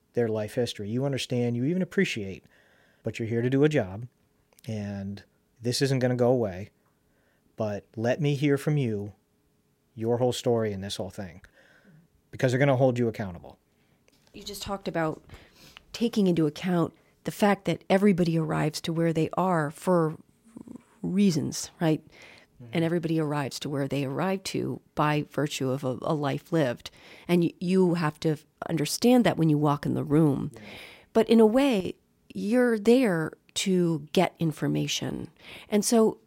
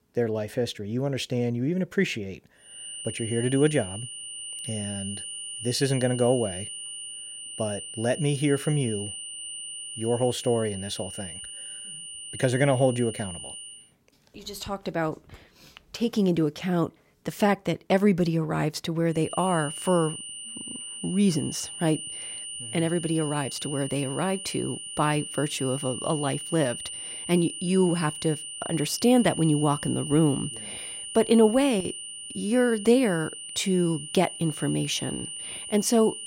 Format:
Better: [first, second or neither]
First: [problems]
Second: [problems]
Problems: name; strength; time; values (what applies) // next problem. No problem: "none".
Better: first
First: none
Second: high-pitched whine; loud; from 3 to 14 s and from 19 s on; 9 kHz, 9 dB below the speech